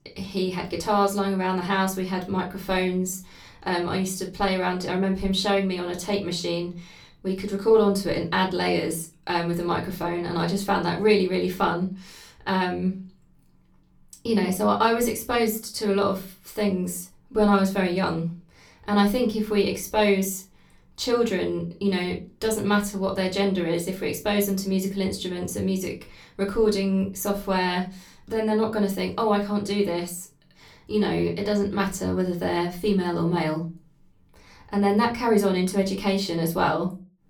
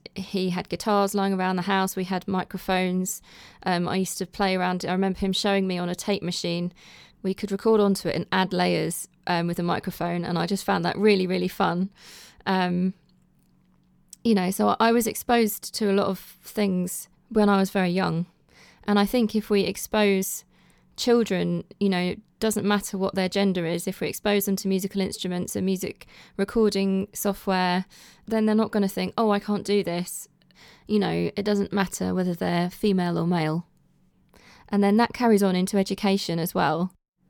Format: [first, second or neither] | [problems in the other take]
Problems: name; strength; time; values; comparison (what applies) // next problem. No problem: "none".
second | off-mic speech; somewhat distant // room echo; very slight; dies away in 0.2 s